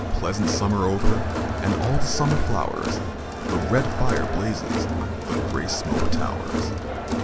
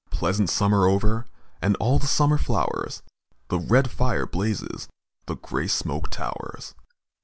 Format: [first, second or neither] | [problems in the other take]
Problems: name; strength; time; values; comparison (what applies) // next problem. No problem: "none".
second | background sound (Crowd); 2 dB below the speech